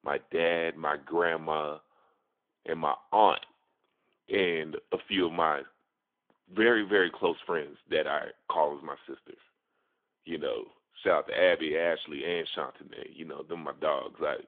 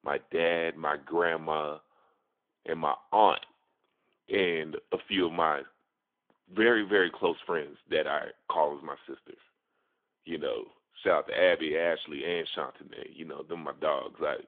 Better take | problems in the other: neither | phone-call audio; nothing above 3.5 kHz; the same in both

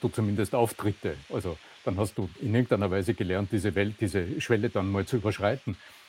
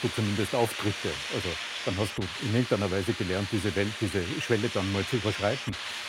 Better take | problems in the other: first | hiss; loud; throughout; 4 dB below the speech; faint in the first

